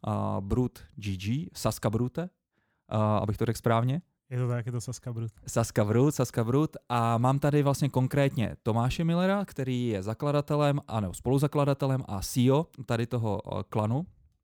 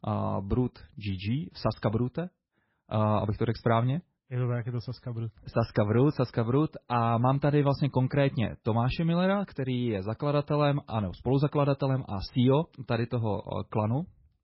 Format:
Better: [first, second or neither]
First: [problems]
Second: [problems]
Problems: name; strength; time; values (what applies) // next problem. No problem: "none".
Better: first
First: none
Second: garbled, watery; badly; nothing above 5.5 kHz